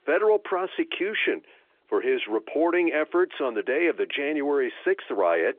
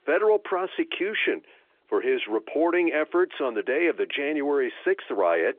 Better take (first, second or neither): neither